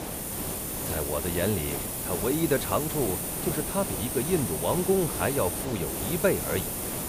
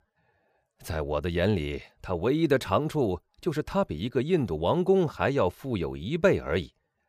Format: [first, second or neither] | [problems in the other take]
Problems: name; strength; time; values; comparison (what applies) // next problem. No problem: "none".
second | hiss; loud; throughout; 1 dB below the speech